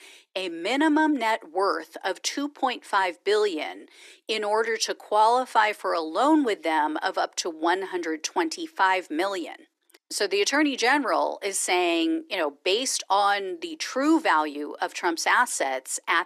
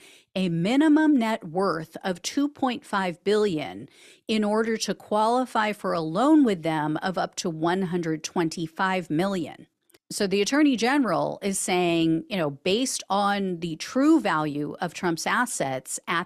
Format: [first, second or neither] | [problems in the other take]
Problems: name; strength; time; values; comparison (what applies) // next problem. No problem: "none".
second | thin; somewhat; fading below 300 Hz